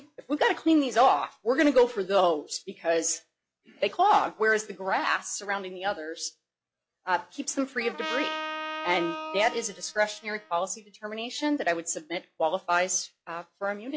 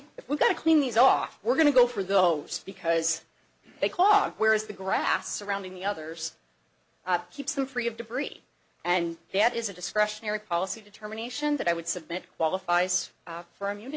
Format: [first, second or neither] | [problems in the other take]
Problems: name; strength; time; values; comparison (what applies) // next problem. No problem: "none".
second | noise reduction (classical method log-MMSE)